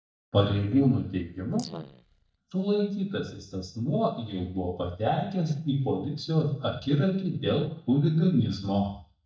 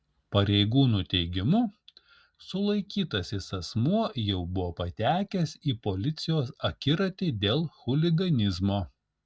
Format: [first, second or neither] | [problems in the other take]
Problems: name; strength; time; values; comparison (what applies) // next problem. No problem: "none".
second | noise reduction (neural mask model DeepFilterNet 3)